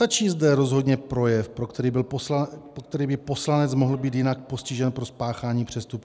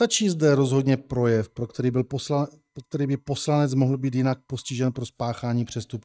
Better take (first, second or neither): first